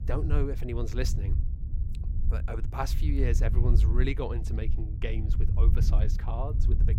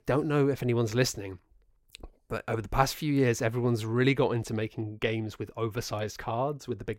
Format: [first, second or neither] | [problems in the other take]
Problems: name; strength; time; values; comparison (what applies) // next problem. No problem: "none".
second | low rumble; loud; throughout; 9 dB below the speech